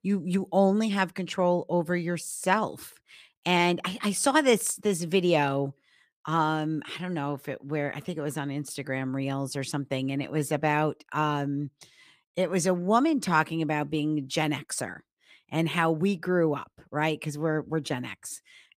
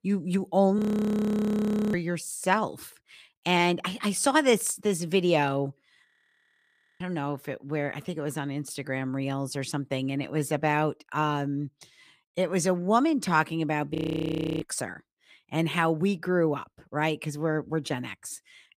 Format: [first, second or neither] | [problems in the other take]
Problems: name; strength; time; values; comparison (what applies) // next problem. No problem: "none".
first | audio freezing; at 1 s for 1 s, at 6 s for 1 s and at 14 s for 0.5 s